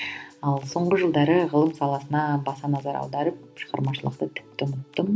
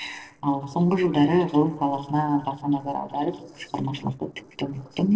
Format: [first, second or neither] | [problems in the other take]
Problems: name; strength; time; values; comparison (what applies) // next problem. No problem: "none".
first | noise reduction (neural separator model SepFormer DNS4)